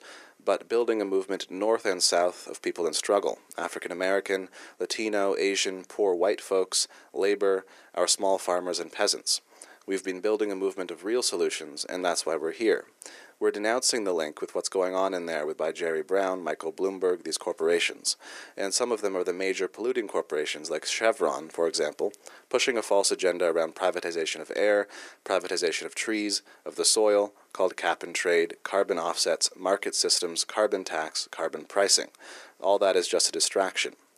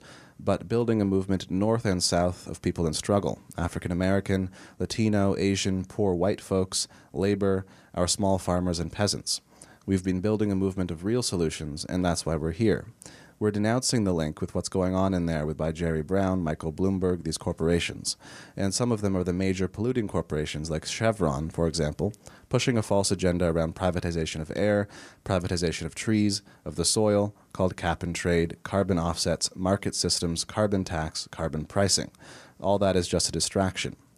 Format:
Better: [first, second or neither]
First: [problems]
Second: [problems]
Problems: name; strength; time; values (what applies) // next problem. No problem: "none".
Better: second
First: thin; very; fading below 350 Hz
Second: none